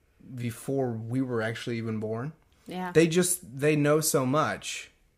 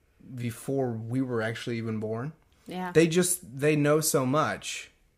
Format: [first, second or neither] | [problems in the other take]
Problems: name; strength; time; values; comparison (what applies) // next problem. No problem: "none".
neither | none